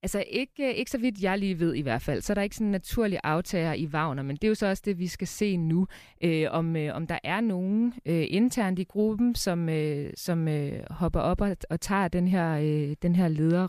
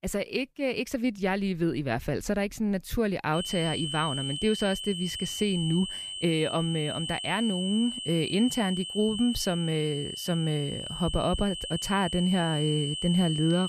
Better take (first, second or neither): first